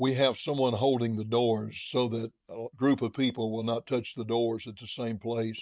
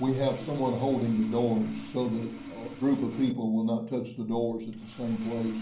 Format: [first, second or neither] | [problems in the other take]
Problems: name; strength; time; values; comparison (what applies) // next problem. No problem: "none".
first | background sound (Sawing); 16 dB below the speech // room echo; dies away in 0.6 s